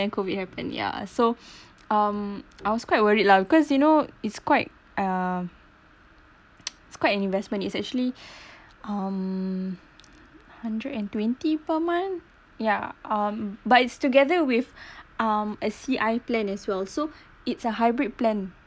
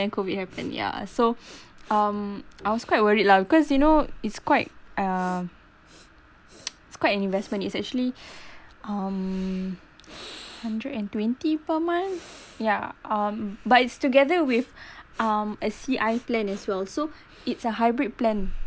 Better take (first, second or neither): first